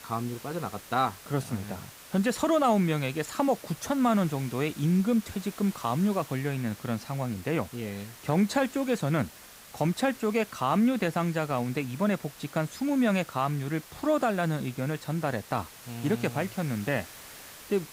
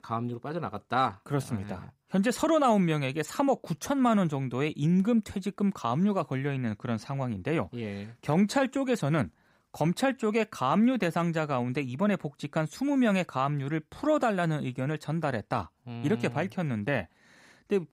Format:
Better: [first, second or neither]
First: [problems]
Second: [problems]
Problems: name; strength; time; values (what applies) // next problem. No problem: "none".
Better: second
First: hiss; noticeable; throughout; 15 dB below the speech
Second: none